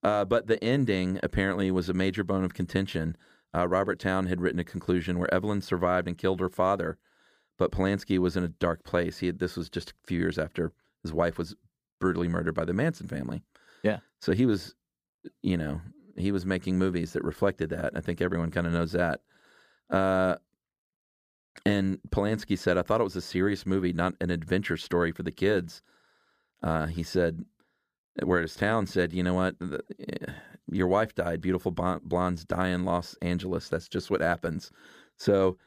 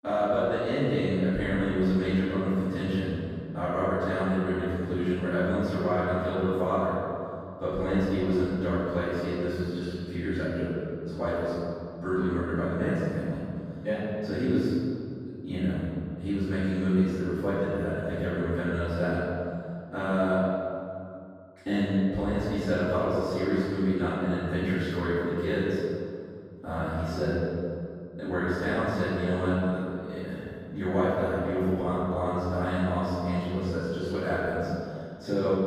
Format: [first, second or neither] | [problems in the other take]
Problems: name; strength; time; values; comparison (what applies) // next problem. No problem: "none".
first | off-mic speech; far // room echo; strong; dies away in 2.3 s